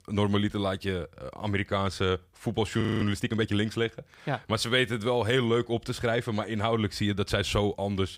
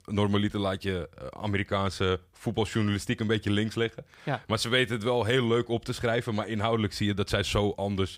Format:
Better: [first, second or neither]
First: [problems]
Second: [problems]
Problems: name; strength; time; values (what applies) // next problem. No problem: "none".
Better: second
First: audio freezing; at 3 s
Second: none